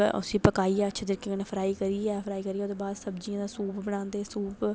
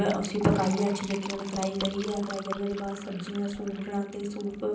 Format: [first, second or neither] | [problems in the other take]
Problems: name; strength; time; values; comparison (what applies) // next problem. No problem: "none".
first | background sound (Fill (with liquid)); 12 dB below the speech // room echo; dies away in 0.6 s